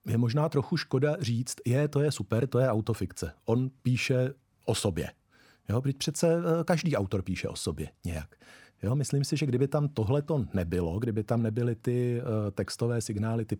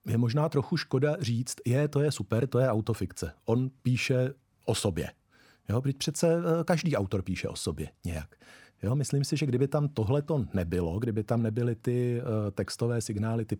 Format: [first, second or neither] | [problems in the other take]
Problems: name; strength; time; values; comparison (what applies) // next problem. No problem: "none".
neither | none